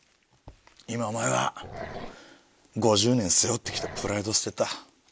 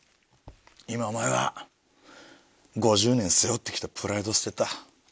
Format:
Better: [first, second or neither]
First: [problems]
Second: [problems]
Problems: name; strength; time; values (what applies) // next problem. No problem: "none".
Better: second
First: background sound (Growling); 13 dB below the speech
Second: none